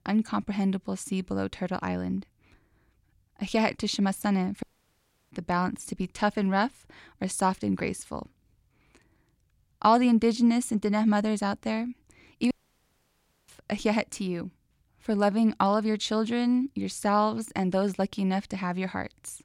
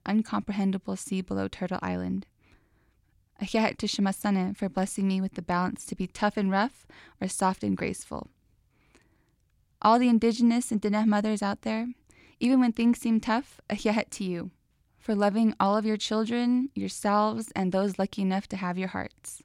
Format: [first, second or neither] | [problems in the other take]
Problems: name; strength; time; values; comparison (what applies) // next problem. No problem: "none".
second | audio cutting out; at 4.5 s for 0.5 s and at 13 s for 1 s